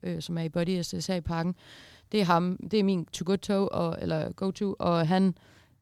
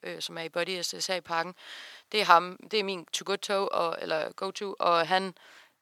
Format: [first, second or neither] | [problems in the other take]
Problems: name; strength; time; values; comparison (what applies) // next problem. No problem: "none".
first | thin; very; fading below 550 Hz